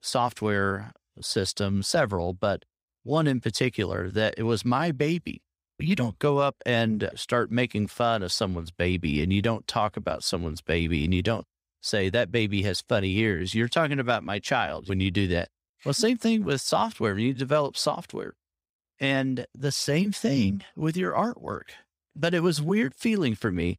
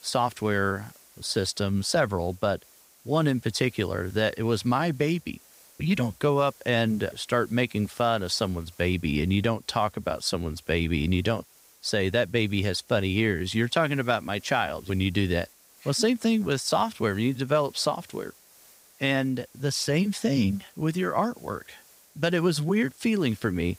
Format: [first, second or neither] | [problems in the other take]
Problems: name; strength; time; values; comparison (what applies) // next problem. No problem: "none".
first | hiss; faint; throughout; 25 dB below the speech